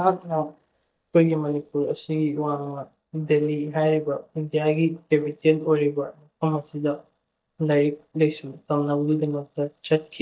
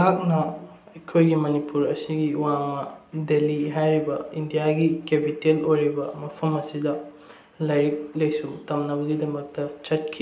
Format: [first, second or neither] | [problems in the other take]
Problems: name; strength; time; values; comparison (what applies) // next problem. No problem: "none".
second | noise reduction (neural mask model DeepFilterNet 3)